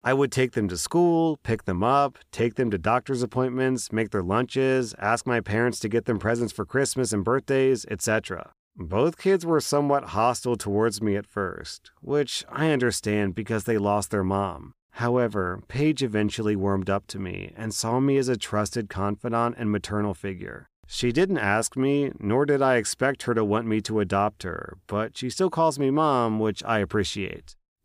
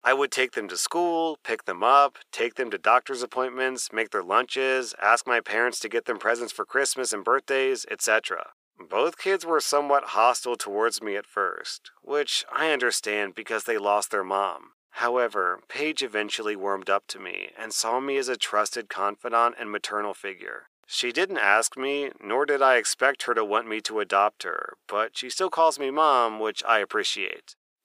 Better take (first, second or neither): first